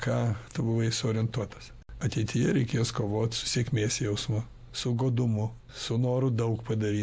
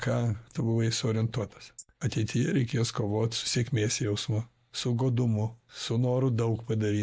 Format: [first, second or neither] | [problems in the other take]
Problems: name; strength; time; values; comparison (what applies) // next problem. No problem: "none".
first | noise reduction (neural mask model DeepFilterNet 3)